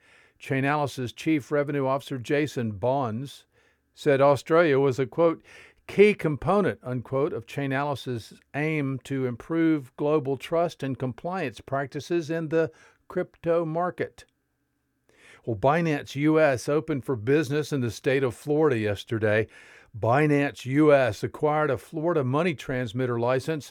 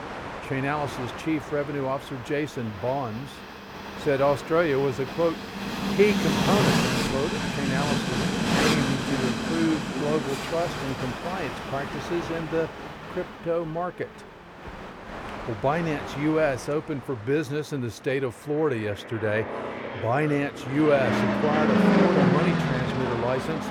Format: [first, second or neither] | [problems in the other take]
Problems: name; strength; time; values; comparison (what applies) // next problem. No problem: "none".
first | train or aircraft noise; very loud; throughout; as loud as the speech